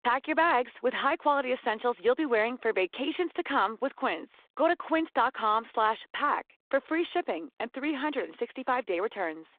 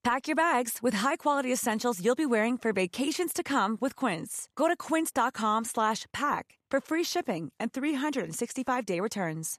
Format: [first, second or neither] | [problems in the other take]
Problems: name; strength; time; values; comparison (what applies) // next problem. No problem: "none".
second | phone-call audio